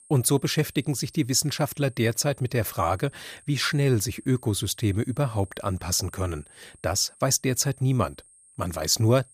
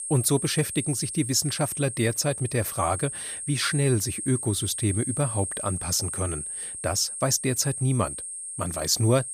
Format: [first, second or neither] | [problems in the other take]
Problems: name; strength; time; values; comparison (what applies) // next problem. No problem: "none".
first | high-pitched whine; loud; throughout; 8.5 kHz, 5 dB below the speech; faint in the first